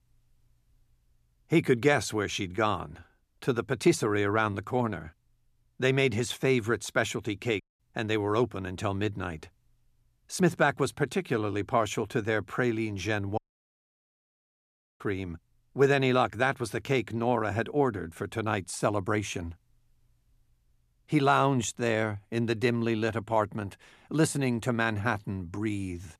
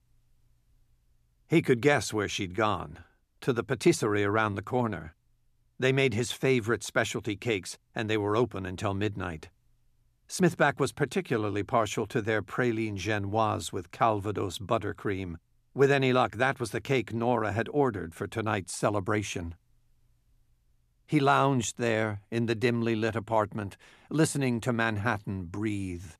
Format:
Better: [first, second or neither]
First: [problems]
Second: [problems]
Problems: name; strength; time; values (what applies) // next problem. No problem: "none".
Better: second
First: audio cutting out; at 7.5 s and at 13 s for 1.5 s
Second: none